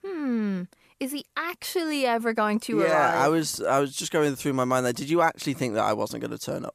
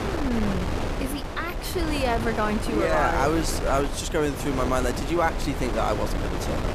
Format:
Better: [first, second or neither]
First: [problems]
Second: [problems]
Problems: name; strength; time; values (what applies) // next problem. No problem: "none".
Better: first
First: none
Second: wind noise on the microphone; heavy; 6 dB below the speech